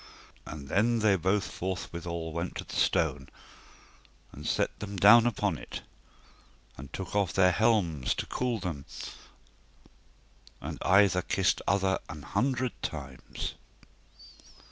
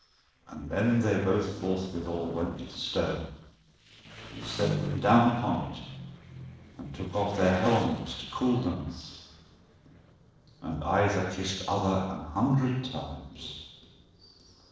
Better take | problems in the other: first | noise reduction (neural separator model SepFormer DNS4)

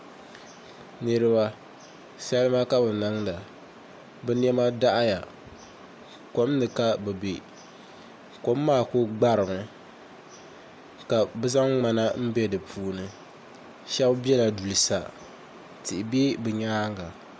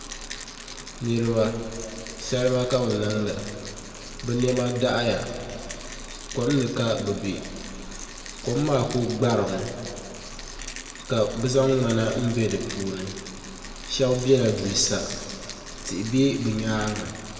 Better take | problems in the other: first | background sound (Rattle); 12 dB below the speech // room echo; dies away in 2 s

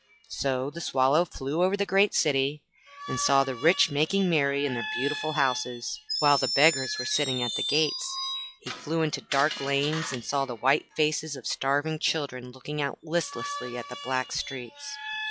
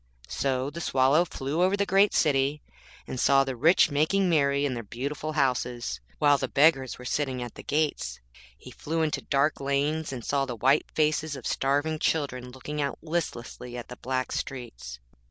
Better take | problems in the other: second | noise reduction (classical method log-MMSE)

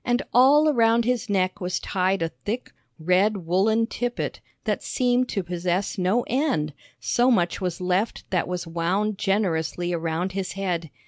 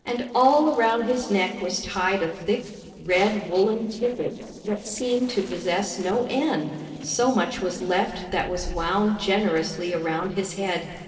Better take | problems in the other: first | noise reduction (neural separator model SepFormer DNS4)

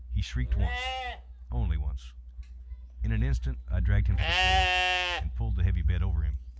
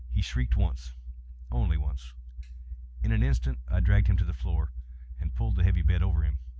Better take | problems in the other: second | background sound (Livestock, farm animals, working animals); 5 dB below the speech

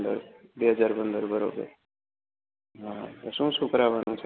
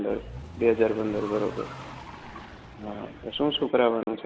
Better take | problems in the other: first | background sound (Car); 14 dB below the speech

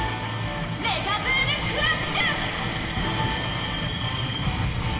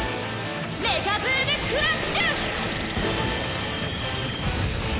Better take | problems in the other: second | background sound (Fireworks); 16 dB below the speech // room echo; dies away in 2.2 s

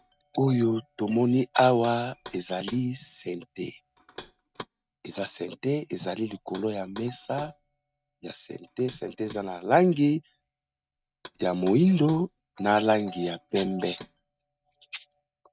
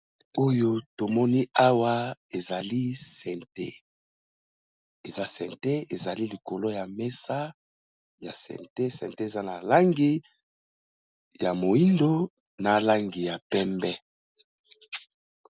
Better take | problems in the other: second | noise reduction (neural mask model RNNoise)

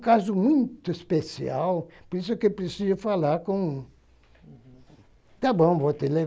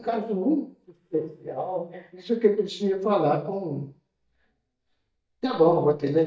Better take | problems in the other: first | noise reduction (neural mask model DeepFilterNet 3)

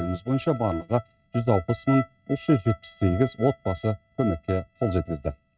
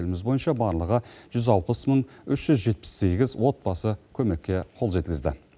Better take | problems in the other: second | noise reduction (neural mask model RNNoise)

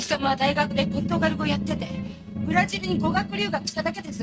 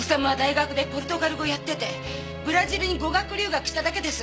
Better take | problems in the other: second | noise reduction (neural mask model RNNoise)

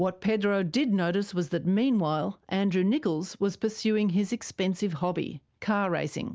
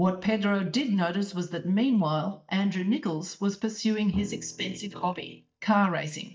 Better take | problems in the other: first | noise reduction (neural mask model DeepFilterNet 3)

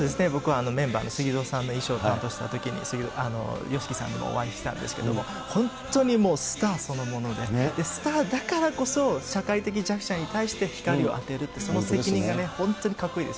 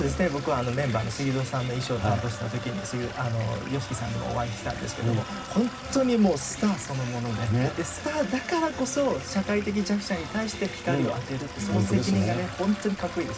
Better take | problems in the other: first | background sound (Stream / Liquid); 15 dB below the speech // room echo; dies away in 0.4 s

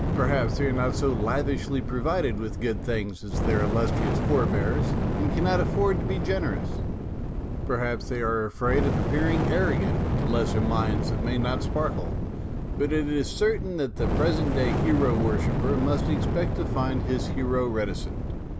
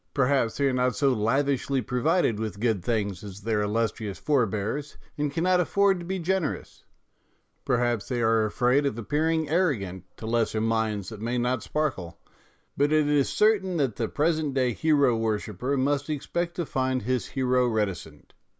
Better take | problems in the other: second | background sound (Fire); 2 dB above the speech

